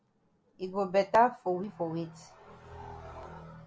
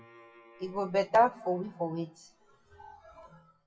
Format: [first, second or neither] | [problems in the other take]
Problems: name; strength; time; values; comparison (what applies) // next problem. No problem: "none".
first | noise reduction (classical method WPE with log-MMSE)